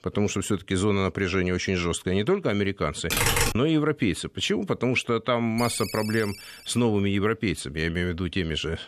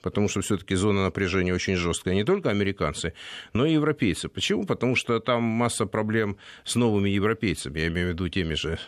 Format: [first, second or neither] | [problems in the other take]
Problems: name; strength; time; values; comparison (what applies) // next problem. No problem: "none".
second | keyboard typing; loud; at 3 s; peak 4 dB above the speech // phone ringing; noticeable; from 5.5 to 6.5 s; peak 8 dB below the speech